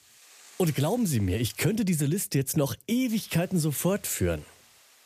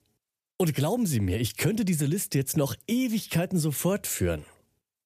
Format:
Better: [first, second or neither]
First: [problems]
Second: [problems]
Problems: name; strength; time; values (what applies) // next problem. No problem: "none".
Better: second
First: hiss; faint; until 2 s and from 3 s on; 25 dB below the speech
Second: none